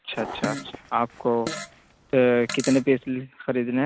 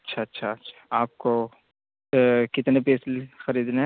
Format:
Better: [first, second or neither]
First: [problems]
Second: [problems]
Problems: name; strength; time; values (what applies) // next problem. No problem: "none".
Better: second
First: background sound (Fart); 11 dB below the speech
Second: none